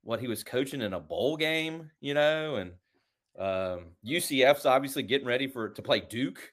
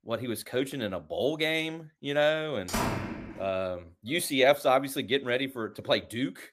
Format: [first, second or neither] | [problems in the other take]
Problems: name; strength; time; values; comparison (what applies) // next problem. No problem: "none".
first | door banging; noticeable; at 2.5 s; peak 1 dB below the speech